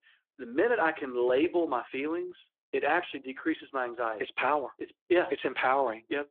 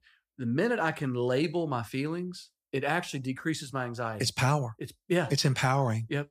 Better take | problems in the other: second | phone-call audio

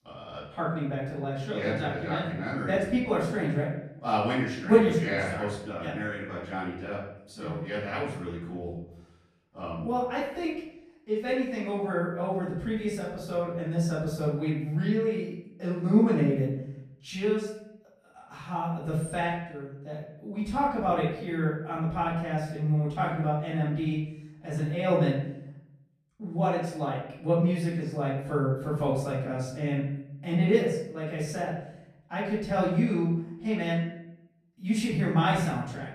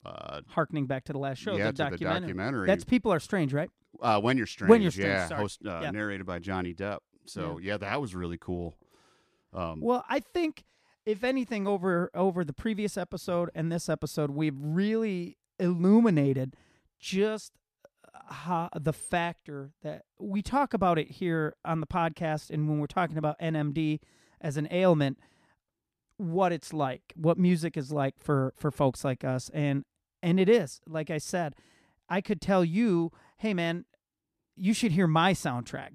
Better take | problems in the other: second | room echo; noticeable; dies away in 0.7 s // off-mic speech; far

